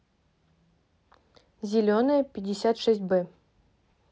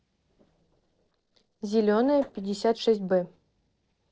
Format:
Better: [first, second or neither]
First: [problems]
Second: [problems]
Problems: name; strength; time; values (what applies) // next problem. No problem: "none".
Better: first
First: none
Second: noise reduction (neural separator model SepFormer DNS4)